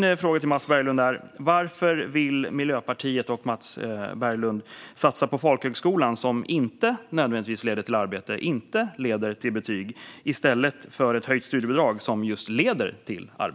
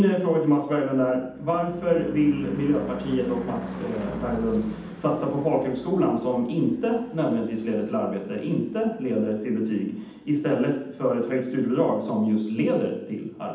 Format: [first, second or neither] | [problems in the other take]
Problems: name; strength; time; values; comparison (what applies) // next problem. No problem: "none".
first | background sound (Car passing by / Engine / Truck); 15 dB below the speech // room echo; dies away in 0.8 s